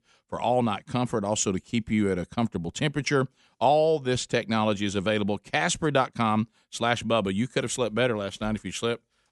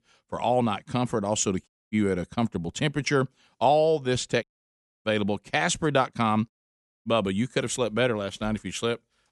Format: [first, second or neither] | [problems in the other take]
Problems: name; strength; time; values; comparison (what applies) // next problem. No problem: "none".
first | audio cutting out; at 1.5 s, at 4.5 s for 0.5 s and at 6.5 s for 0.5 s